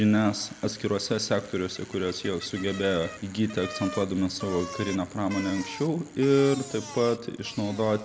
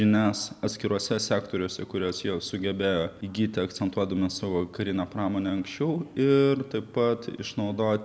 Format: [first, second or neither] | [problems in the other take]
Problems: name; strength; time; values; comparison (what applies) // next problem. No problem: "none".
second | background sound (Bicycle); 15 dB below the speech